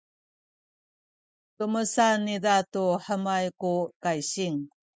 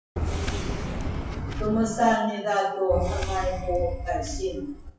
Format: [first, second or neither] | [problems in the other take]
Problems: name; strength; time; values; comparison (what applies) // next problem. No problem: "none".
first | noise reduction (classical method WPE with log-MMSE)